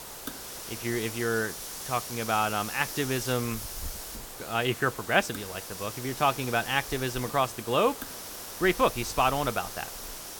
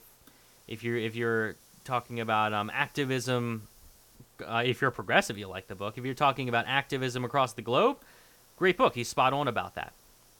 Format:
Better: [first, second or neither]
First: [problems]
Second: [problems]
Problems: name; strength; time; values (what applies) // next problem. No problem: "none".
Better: second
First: hiss; loud; throughout; 9 dB below the speech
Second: hiss; faint; throughout; 30 dB below the speech